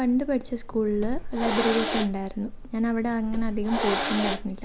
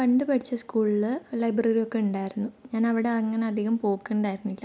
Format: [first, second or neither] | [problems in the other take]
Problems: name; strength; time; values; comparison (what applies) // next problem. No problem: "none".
second | background sound (Hiss); 4 dB below the speech